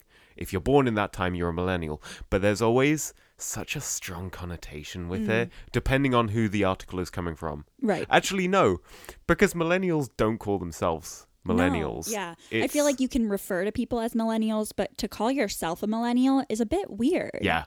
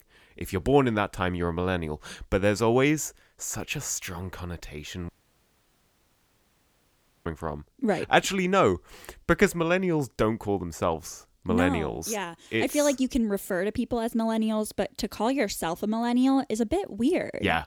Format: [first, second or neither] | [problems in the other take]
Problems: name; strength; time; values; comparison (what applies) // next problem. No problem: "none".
first | audio cutting out; at 5 s for 2 s